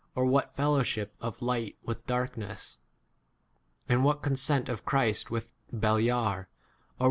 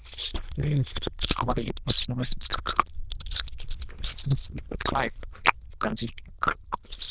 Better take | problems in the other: first | noise reduction (neural diffusion model UNIVERSE++)

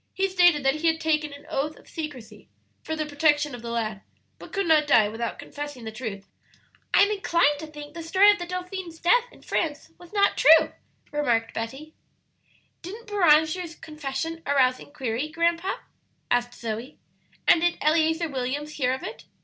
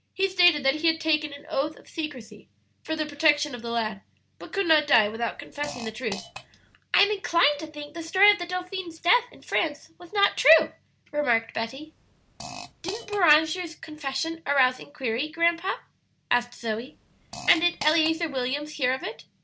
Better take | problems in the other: first | background sound (Fart); 15 dB below the speech

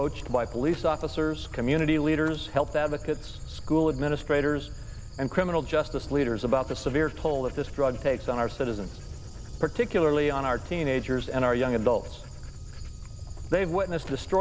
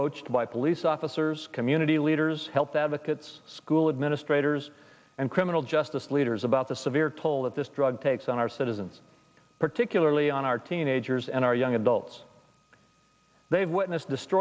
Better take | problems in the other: second | background sound (Dog); 11 dB below the speech

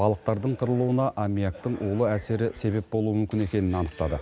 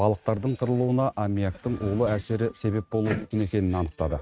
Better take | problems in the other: first | noise reduction (neural mask model RNNoise)

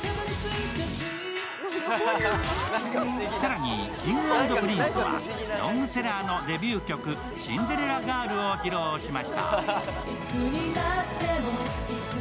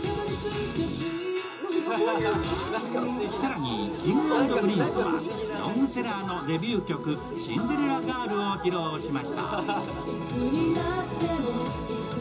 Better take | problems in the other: first | room echo; dies away in 0.2 s

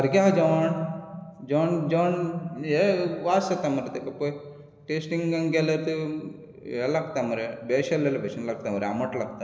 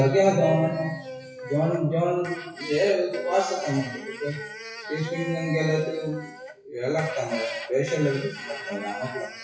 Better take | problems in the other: first | noise reduction (classical method WPE with log-MMSE)

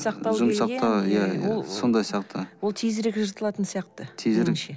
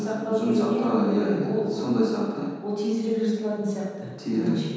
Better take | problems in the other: first | room echo; dies away in 1.2 s

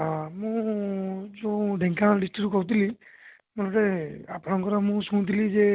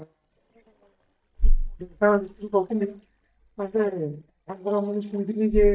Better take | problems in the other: first | noise reduction (neural mask model DeepFilterNet 3)

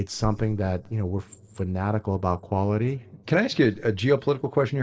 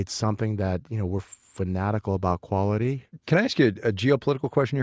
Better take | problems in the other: second | noise reduction (neural separator model SepFormer DNS4)

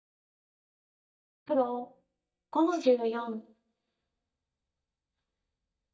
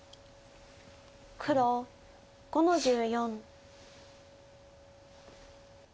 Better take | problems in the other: second | noise reduction (neural mask model DeepFilterNet 3)

